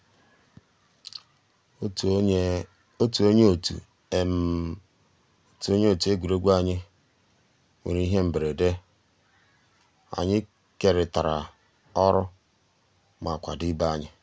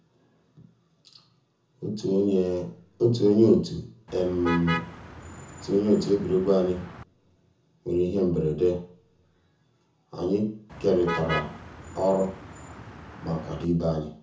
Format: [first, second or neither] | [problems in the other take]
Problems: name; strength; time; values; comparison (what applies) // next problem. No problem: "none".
first | background sound (Motor vehicle (road)); 10 dB below the speech // room echo; dies away in 0.5 s